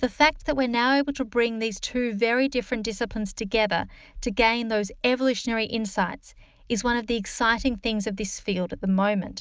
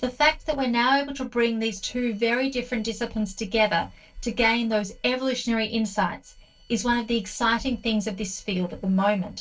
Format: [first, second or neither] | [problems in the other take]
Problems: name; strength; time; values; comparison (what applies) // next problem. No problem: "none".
first | noise reduction (neural separator model SepFormer DNS4)